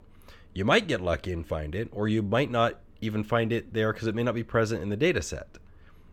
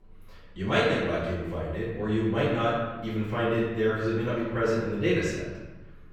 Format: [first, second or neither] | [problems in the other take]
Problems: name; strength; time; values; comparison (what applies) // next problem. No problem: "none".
first | off-mic speech; far // room echo; noticeable; dies away in 1.1 s